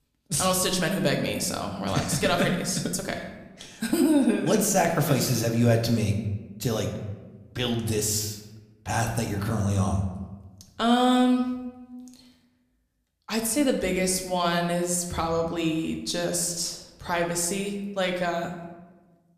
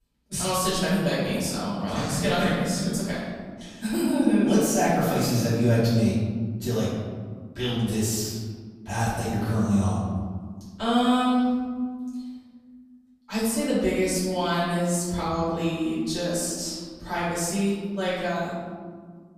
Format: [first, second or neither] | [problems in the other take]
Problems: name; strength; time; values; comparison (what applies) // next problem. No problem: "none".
first | room echo; strong; dies away in 1.7 s; slight in the first // off-mic speech; far